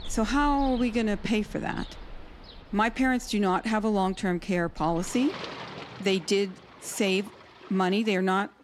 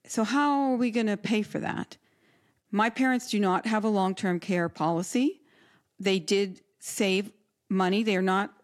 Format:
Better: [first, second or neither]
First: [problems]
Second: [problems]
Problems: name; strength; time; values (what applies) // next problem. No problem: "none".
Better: second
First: rain or running water; noticeable; throughout; 15 dB below the speech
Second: none